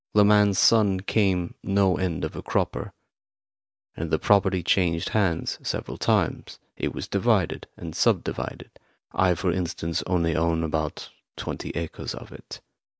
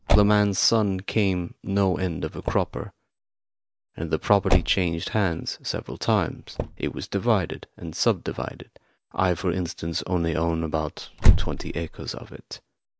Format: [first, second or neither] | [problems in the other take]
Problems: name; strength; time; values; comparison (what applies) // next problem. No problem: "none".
first | background sound (Motor vehicle (road)); 2 dB below the speech